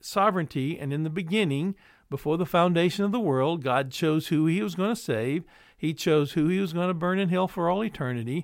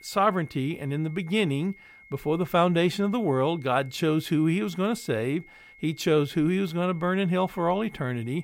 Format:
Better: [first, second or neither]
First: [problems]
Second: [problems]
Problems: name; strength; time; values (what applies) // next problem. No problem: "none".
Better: first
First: none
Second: high-pitched whine; faint; throughout; 2 kHz, 25 dB below the speech